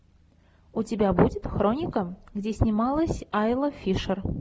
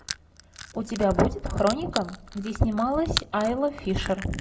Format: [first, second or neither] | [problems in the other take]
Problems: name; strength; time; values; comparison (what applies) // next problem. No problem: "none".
first | background sound (Crushing); 12 dB below the speech // room echo; dies away in 0.3 s